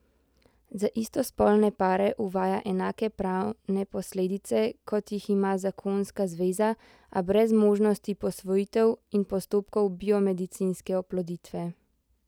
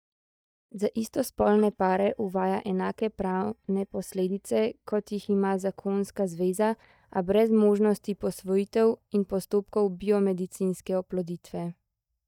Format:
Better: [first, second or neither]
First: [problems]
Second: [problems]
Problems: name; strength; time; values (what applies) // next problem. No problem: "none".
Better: first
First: none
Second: noise reduction (neural mask model DeepFilterNet 3)